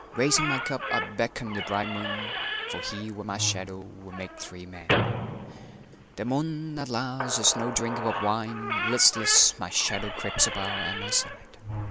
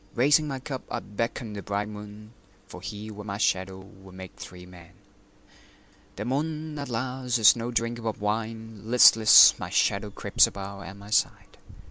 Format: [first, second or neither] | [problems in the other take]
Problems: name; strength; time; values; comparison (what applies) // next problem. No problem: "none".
second | background sound (Squeak / Slam); 4 dB below the speech